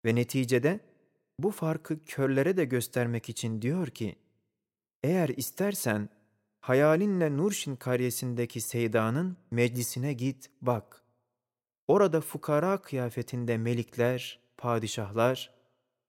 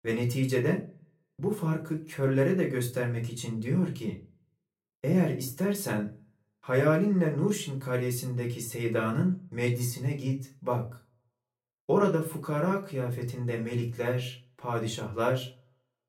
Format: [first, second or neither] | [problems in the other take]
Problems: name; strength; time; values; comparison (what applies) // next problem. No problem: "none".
first | off-mic speech; far // room echo; very slight; dies away in 0.3 s